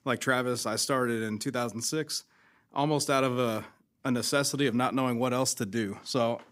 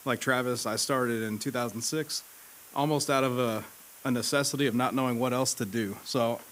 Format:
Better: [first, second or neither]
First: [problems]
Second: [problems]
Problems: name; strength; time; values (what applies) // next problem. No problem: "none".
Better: first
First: none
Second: hiss; noticeable; throughout; 20 dB below the speech